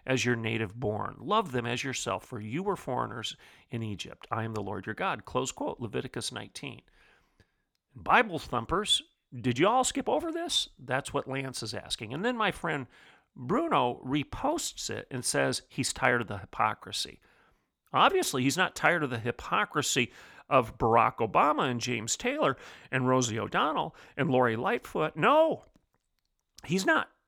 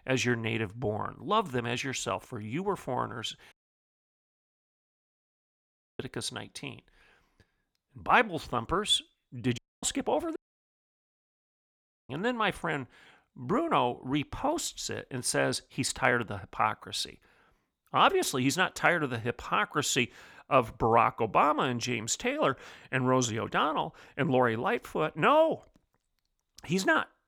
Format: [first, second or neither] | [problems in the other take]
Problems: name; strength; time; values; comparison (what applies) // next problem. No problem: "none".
first | audio cutting out; at 3.5 s for 2.5 s, at 9.5 s and at 10 s for 1.5 s